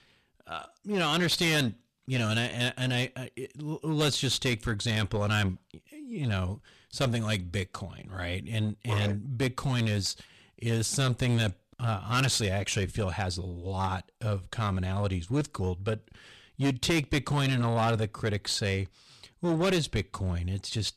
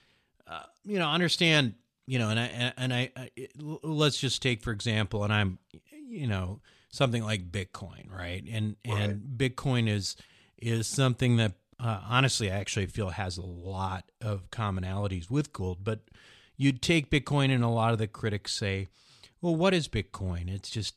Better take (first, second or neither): second